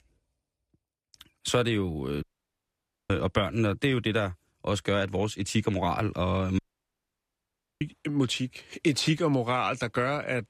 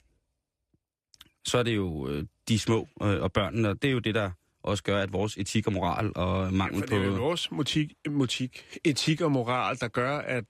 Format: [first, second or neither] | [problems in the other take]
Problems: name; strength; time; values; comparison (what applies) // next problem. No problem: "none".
second | audio cutting out; at 2 s for 1 s and at 6.5 s for 1 s